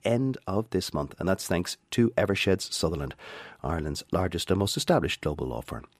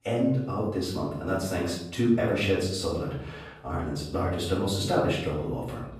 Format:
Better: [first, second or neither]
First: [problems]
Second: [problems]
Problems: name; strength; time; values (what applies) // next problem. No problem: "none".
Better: first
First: none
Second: off-mic speech; far // room echo; noticeable; dies away in 0.7 s